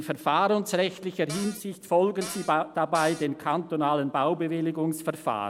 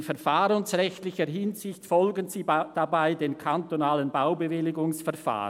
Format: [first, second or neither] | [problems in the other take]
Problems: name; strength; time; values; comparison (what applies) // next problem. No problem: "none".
second | background sound (Cupboard open or close); 12 dB below the speech